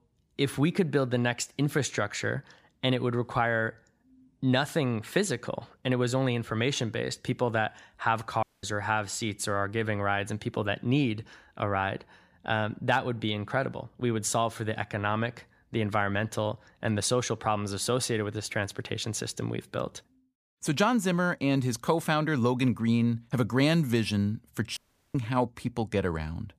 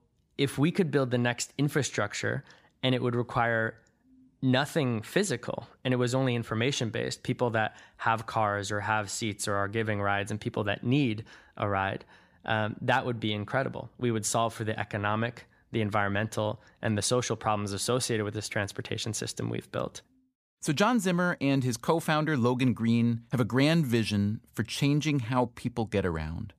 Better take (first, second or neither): second